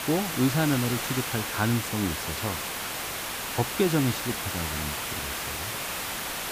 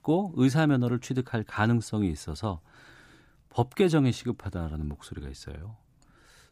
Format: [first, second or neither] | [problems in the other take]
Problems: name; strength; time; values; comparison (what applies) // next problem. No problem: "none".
second | hiss; loud; throughout; 2 dB below the speech